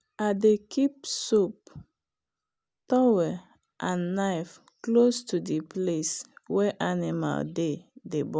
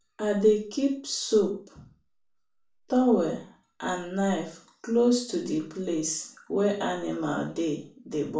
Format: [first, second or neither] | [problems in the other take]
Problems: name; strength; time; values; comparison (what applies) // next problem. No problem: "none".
first | room echo; dies away in 0.4 s